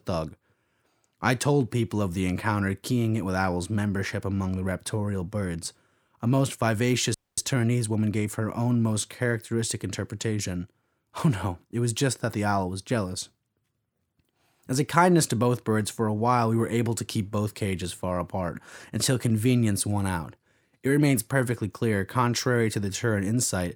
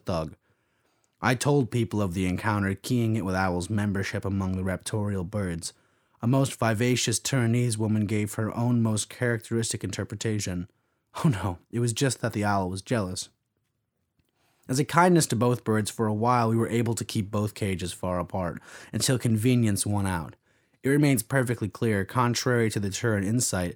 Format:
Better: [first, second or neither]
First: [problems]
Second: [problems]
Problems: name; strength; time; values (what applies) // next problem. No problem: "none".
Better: second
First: audio freezing; at 7 s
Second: none